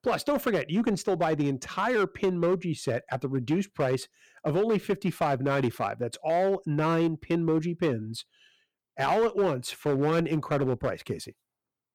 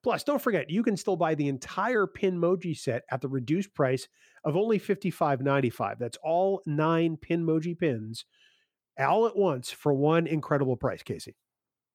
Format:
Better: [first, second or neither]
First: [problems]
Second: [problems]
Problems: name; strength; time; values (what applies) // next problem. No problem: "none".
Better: second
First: distortion; slight; 6% of the sound clipped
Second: none